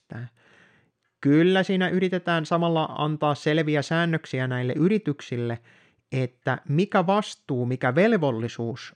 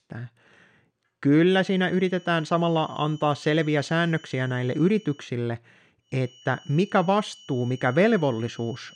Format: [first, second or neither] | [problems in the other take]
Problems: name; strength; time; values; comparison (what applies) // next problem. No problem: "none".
first | high-pitched whine; faint; from 1.5 to 5 s and from 6 s on; 3 kHz, 25 dB below the speech